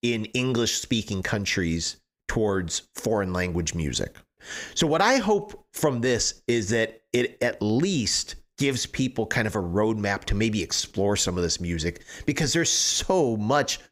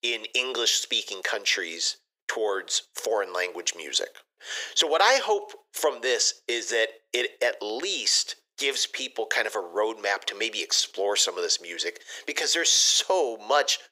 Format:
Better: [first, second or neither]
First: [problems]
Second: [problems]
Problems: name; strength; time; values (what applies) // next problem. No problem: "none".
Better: first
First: none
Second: thin; very; fading below 400 Hz